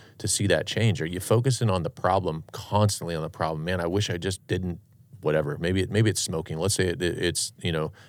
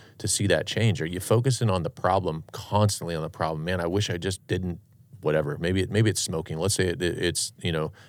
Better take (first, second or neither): neither